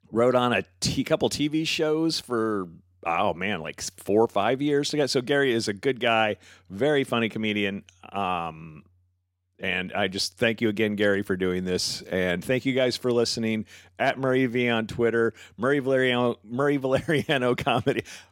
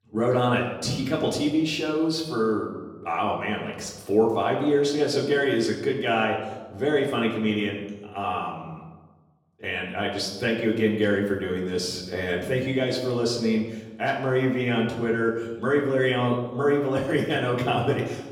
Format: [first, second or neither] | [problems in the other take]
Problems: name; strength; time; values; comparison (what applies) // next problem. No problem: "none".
first | off-mic speech; far // room echo; slight; dies away in 1 s